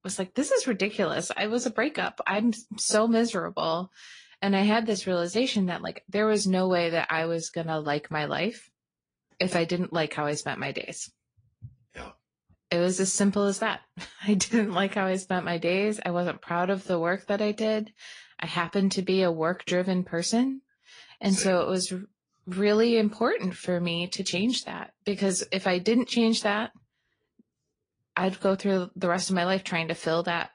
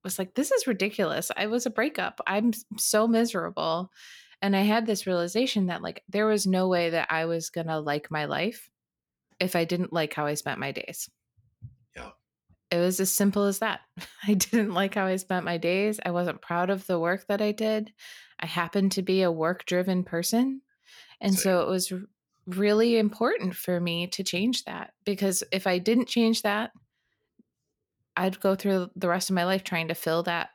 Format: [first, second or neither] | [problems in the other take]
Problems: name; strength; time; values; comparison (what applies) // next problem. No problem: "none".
second | garbled, watery; slightly